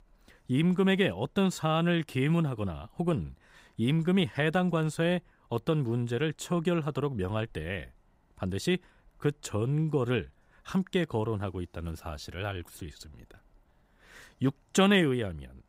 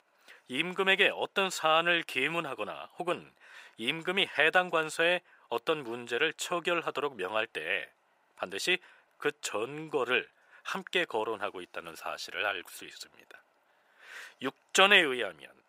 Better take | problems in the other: first | thin; very; fading below 600 Hz

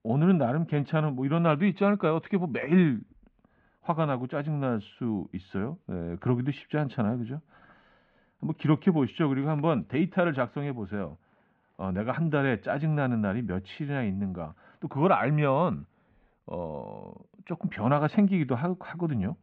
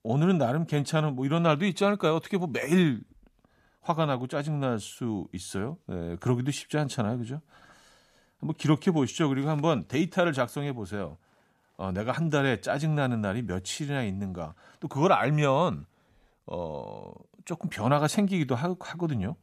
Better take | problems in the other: second | muffled; very; fading above 2.5 kHz

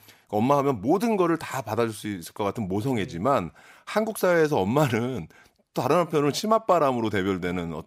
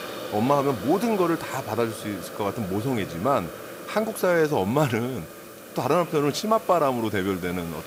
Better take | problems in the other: first | hiss; noticeable; throughout; 15 dB below the speech

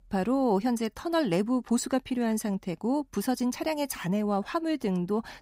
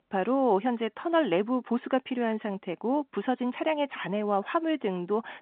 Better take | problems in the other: first | phone-call audio

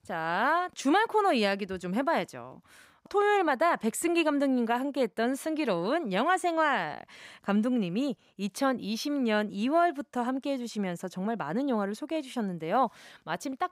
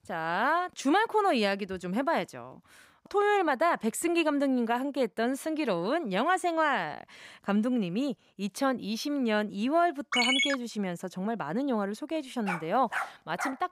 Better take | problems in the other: first | phone ringing; loud; at 10 s; peak 5 dB above the speech // dog barking; noticeable; from 12 s on; peak 6 dB below the speech

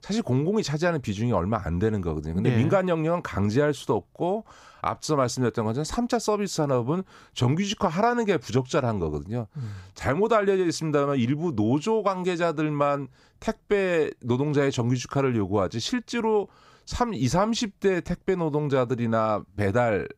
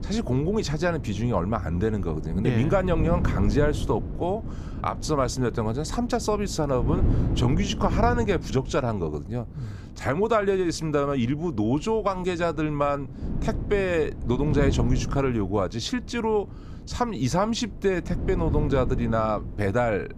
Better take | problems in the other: first | wind noise on the microphone; occasional gusts; 15 dB below the speech

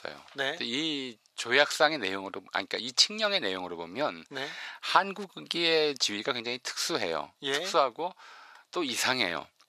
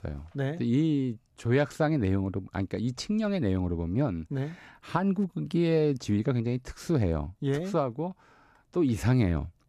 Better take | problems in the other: second | thin; very; fading below 800 Hz

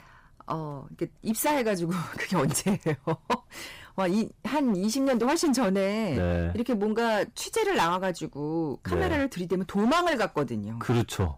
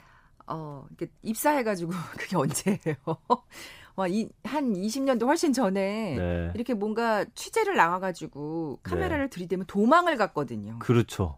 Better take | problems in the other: second | distortion; heavy; 10% of the sound clipped

